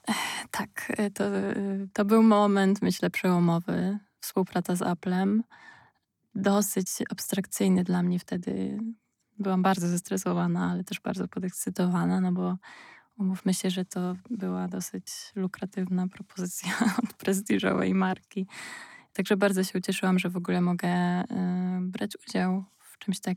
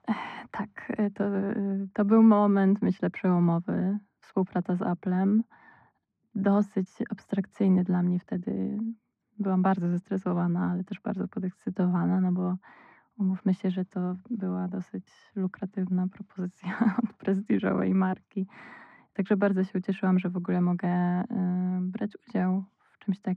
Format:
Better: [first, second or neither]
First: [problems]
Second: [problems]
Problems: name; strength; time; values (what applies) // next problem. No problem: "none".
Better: first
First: none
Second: muffled; very; fading above 1.5 kHz